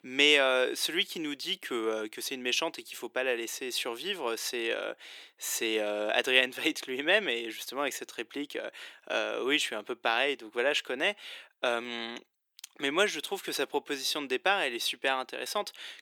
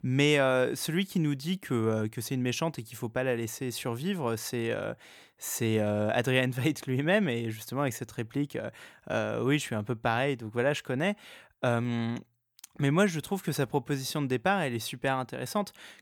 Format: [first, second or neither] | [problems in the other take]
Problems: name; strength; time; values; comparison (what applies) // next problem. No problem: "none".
second | thin; somewhat; fading below 350 Hz